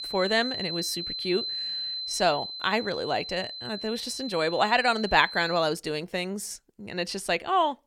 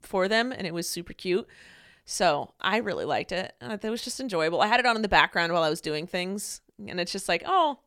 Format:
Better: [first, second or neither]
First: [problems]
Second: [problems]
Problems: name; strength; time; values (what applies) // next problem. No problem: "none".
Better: second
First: high-pitched whine; loud; until 5.5 s; 4 kHz, 6 dB below the speech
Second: none